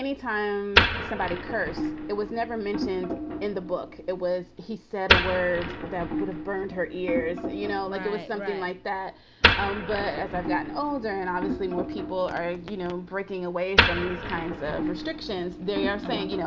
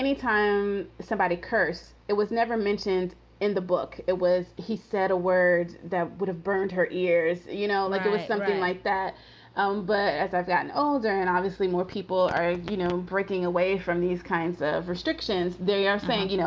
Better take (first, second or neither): second